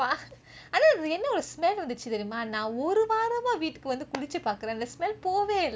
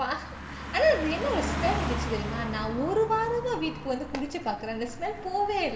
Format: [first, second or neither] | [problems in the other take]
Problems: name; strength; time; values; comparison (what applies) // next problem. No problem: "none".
first | background sound (Car passing by); 6 dB below the speech // room echo; dies away in 1.8 s